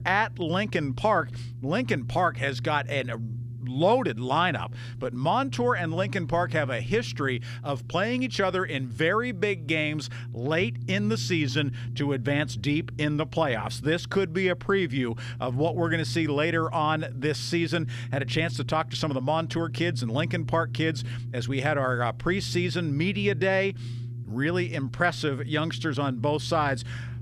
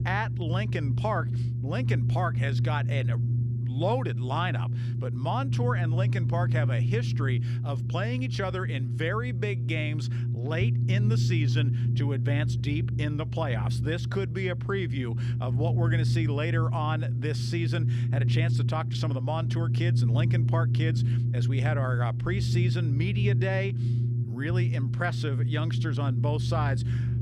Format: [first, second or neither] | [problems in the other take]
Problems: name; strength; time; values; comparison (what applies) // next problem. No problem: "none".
first | low rumble; loud; throughout; 6 dB below the speech; faint in the first